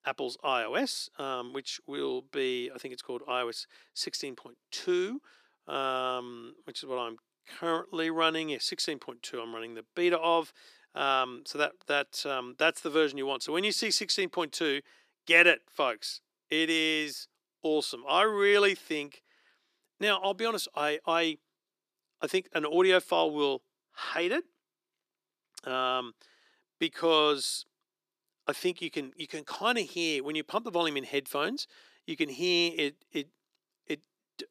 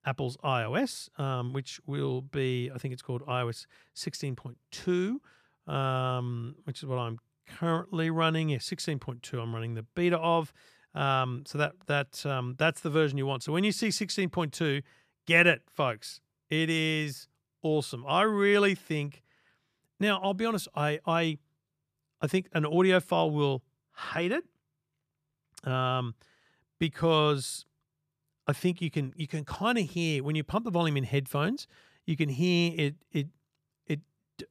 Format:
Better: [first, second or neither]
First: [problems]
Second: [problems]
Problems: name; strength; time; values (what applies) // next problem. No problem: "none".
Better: second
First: thin; somewhat; fading below 300 Hz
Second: none